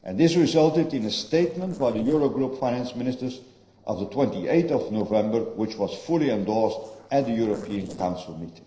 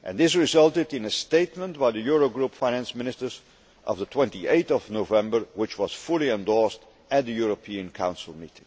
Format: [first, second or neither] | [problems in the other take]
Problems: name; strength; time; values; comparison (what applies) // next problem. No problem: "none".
second | noise reduction (neural separator model SepFormer DNS4)